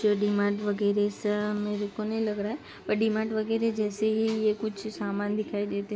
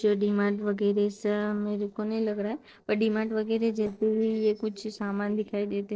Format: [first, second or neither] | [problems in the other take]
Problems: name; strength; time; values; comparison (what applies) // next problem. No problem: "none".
first | noise reduction (neural separator model SepFormer DNS4)